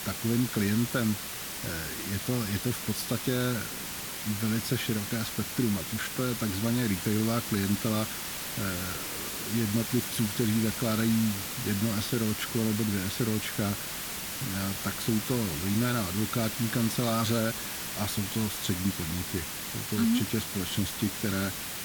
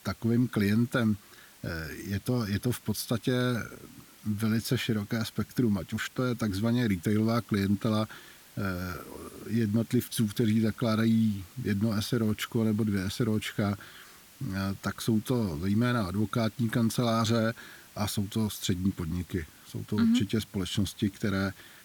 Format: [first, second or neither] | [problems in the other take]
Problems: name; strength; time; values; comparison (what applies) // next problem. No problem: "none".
second | hiss; loud; throughout; 3 dB below the speech; faint in the second